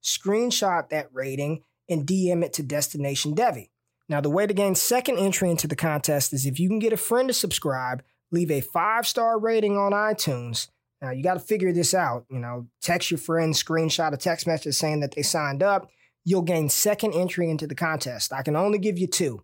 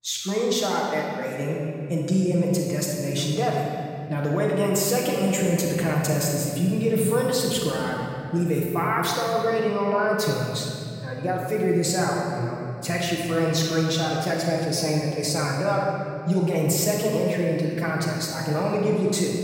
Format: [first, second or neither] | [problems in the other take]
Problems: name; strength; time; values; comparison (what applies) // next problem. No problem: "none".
first | off-mic speech; far // room echo; noticeable; dies away in 2.7 s